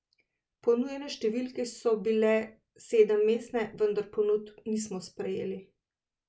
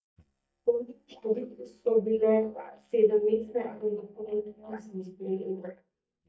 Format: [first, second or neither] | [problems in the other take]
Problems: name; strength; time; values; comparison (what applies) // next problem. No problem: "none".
first | noise reduction (neural mask model DeepFilterNet 3)